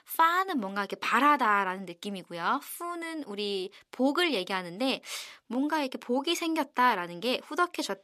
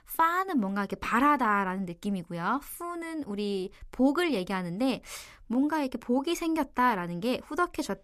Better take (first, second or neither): second